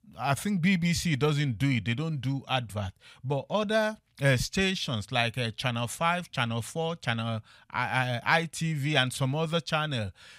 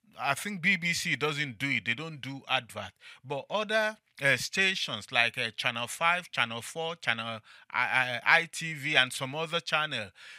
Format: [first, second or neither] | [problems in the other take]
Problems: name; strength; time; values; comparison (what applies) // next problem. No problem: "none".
first | thin; somewhat; fading below 500 Hz